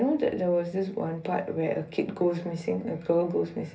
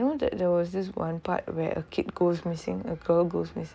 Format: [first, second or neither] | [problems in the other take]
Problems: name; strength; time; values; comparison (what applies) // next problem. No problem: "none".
second | room echo; dies away in 0.3 s